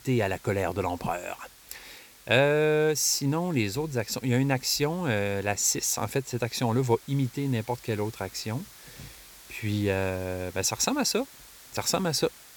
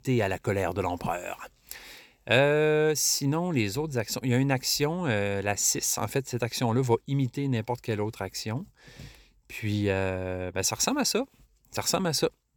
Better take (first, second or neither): second